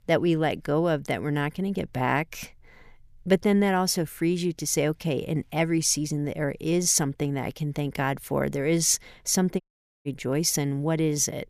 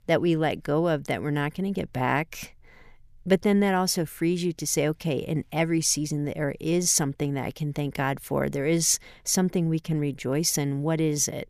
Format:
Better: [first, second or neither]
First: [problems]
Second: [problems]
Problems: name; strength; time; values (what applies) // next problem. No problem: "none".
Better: second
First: audio cutting out; at 9.5 s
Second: none